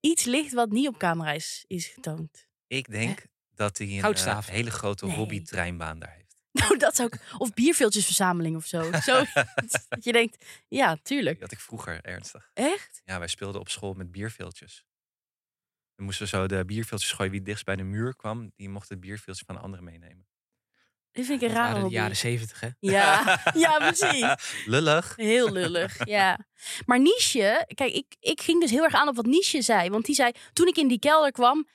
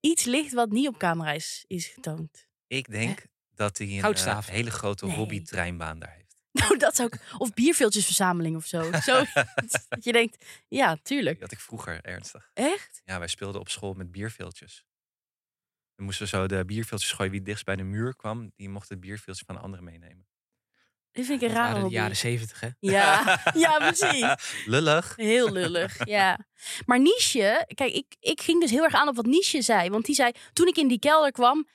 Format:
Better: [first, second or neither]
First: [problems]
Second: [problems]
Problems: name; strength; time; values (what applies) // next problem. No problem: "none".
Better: neither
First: none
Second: none